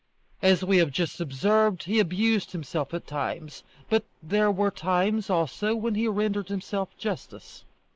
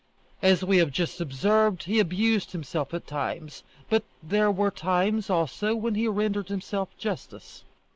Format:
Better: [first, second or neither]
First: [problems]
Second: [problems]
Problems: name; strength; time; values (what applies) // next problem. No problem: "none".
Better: second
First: noise reduction (neural mask model Resemble Enhance denoiser)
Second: none